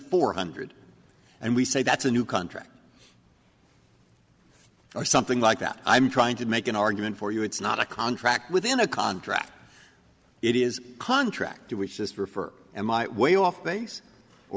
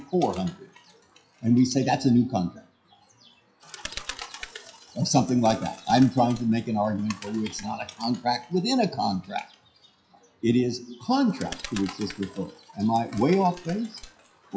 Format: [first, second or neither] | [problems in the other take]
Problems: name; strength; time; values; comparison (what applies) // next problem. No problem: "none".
first | noise reduction (classical method WPE with log-MMSE)